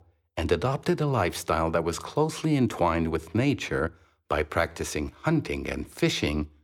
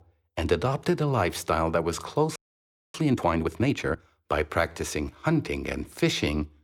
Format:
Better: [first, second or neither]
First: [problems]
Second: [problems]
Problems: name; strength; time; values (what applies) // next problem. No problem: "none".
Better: first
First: none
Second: audio freezing; at 2.5 s for 0.5 s